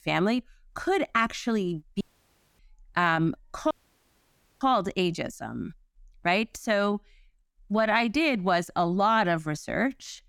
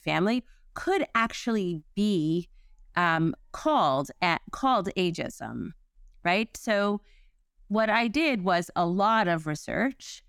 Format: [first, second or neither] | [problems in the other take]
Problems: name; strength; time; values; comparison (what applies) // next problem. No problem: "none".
second | audio cutting out; at 2 s for 0.5 s and at 3.5 s for 1 s